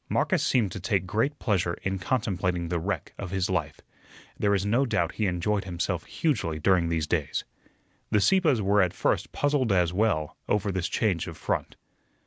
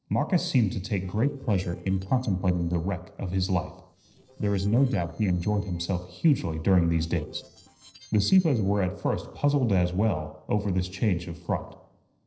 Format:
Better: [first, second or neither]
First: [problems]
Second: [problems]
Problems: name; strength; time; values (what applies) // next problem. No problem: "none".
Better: first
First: none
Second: noise reduction (neural separator model SepFormer DNS4)